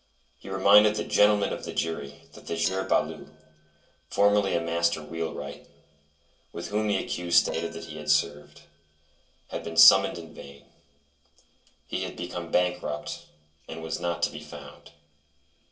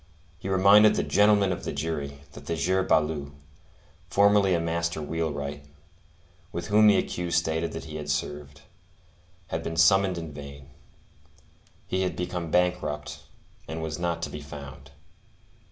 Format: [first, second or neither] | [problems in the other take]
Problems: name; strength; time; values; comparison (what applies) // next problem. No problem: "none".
second | noise reduction (neural separator model SepFormer DNS4)